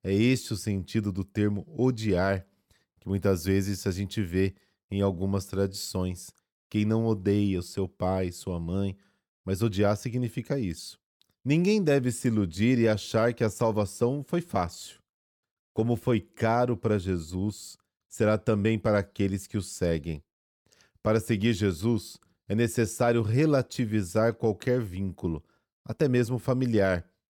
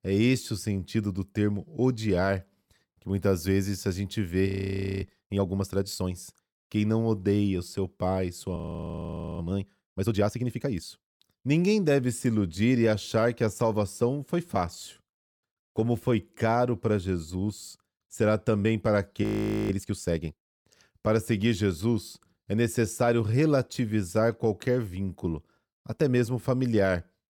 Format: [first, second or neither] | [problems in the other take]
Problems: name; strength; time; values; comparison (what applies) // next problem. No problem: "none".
first | audio freezing; at 4.5 s for 0.5 s, at 8.5 s for 1 s and at 19 s